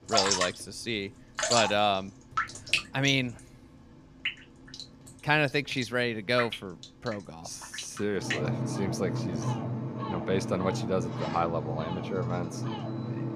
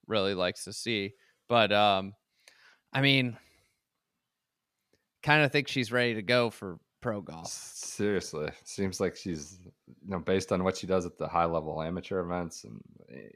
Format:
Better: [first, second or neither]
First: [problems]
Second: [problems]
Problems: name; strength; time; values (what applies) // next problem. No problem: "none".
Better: second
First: rain or running water; loud; throughout; 2 dB below the speech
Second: none